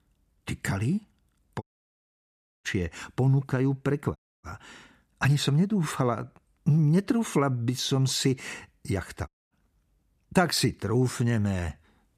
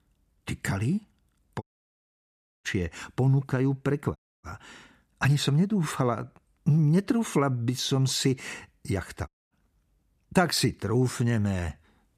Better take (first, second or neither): neither